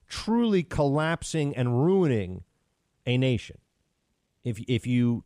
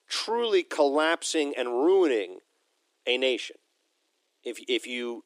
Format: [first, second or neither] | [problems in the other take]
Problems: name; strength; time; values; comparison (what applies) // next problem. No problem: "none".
first | thin; very; fading below 300 Hz